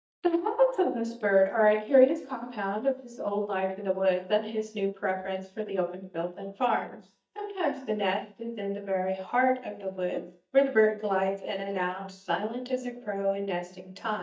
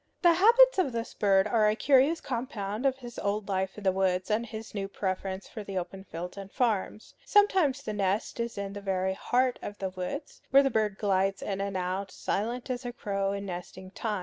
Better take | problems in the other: second | noise reduction (neural mask model DeepFilterNet 3)

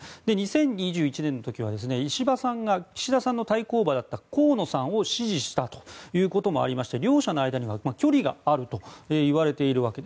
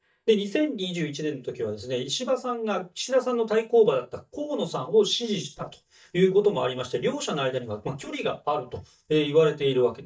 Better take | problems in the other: first | noise reduction (neural mask model DeepFilterNet 3)

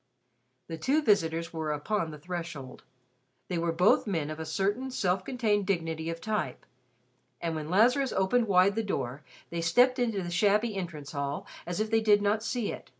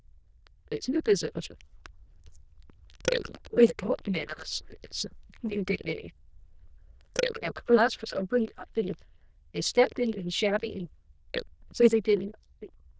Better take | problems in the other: first | noise reduction (neural diffusion model UNIVERSE++)

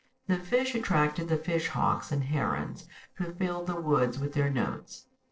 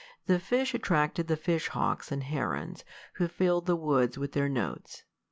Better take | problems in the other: second | noise reduction (neural separator model SepFormer DNS4)

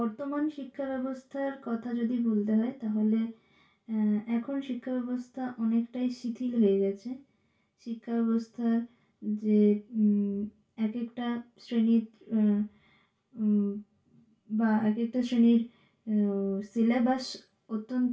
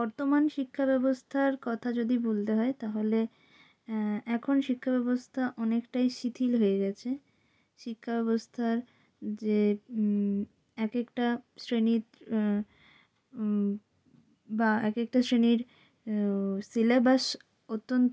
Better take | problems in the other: second | room echo; dies away in 0.2 s

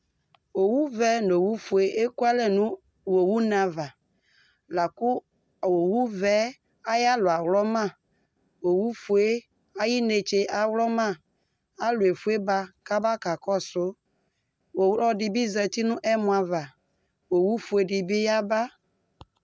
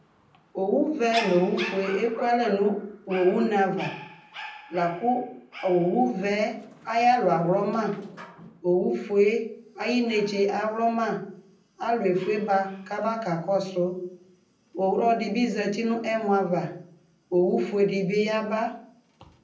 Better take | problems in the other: first | background sound (Dog); 18 dB below the speech // room echo; dies away in 0.6 s

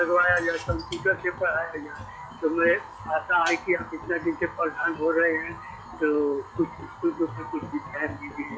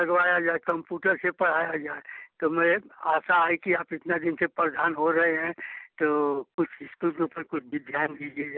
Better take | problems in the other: second | noise reduction (classical method log-MMSE)

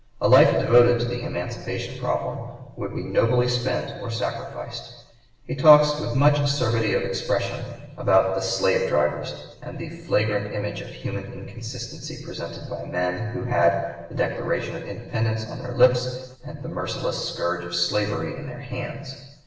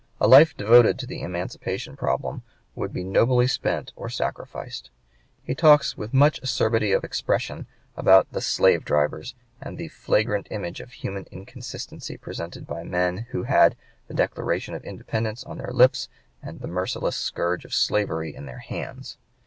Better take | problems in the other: second | room echo; dies away in 1.1 s

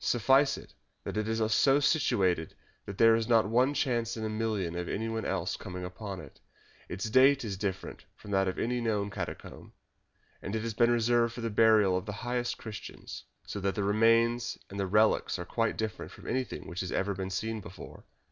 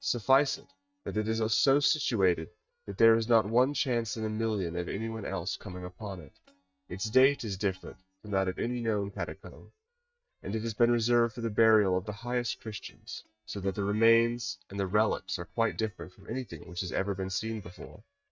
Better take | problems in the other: first | noise reduction (neural mask model DeepFilterNet 3)

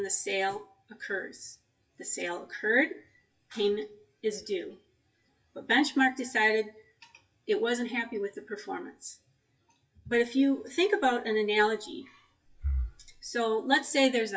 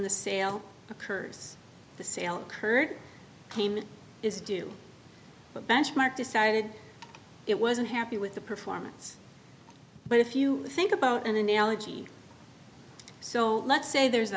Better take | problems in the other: second | noise reduction (classical method WPE with log-MMSE)

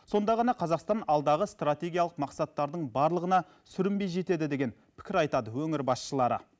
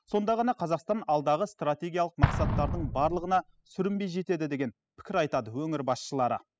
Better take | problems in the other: first | noise reduction (classical method spectral subtraction)

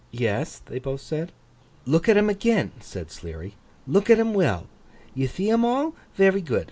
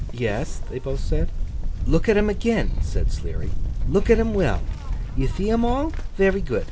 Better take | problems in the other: first | background sound (Livestock, farm animals, working animals); 1 dB above the speech

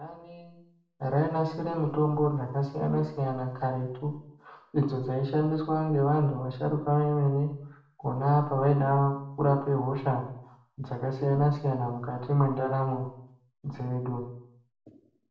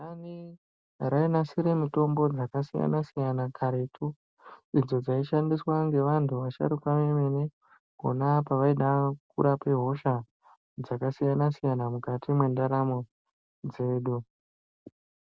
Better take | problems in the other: second | room echo; dies away in 0.6 s

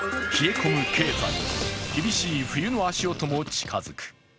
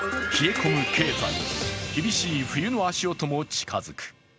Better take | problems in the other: second | background sound (Zipper (clothing) + Fart); 11 dB below the speech

